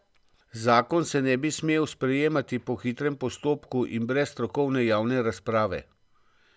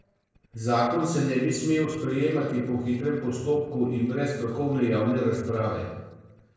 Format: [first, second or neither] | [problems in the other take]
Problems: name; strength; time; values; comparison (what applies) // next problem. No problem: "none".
first | noise reduction (neural separator model SepFormer DNS4)